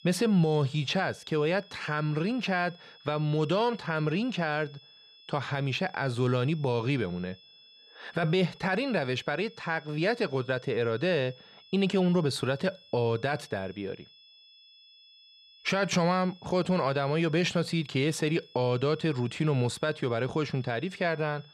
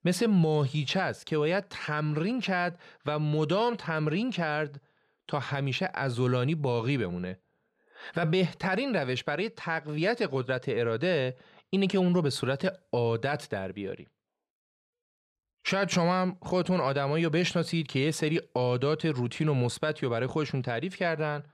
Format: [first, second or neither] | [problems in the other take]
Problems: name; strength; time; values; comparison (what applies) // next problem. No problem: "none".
second | high-pitched whine; faint; throughout; 3.5 kHz, 25 dB below the speech